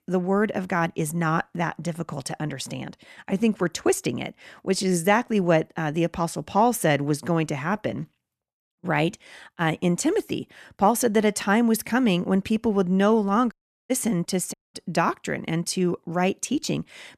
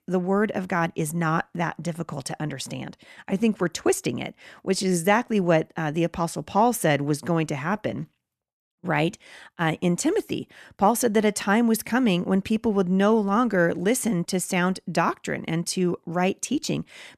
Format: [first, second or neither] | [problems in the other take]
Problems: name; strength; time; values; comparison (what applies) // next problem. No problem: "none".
second | audio cutting out; at 14 s and at 15 s